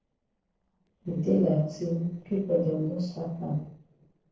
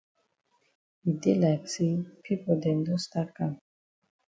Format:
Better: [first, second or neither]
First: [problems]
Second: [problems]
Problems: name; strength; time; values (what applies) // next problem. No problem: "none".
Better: second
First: noise reduction (neural separator model SepFormer DNS4)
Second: none